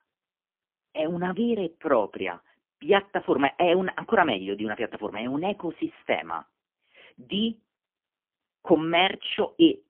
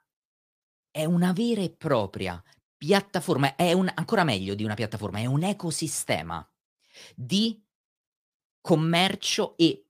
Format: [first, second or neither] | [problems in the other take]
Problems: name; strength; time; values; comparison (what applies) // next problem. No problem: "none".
second | phone-call audio; poor line; nothing above 3.5 kHz